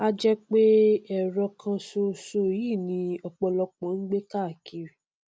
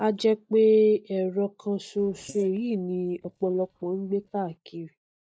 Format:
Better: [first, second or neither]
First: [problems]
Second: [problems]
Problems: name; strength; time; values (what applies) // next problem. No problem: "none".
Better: first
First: none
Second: noise reduction (neural mask model DeepFilterNet 3)